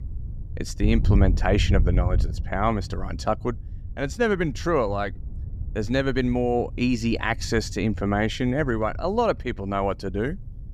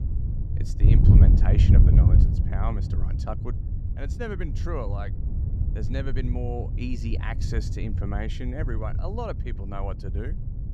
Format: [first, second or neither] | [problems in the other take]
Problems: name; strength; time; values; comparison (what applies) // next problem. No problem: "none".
first | wind noise on the microphone; heavy; 2 dB below the speech; occasional gusts in the first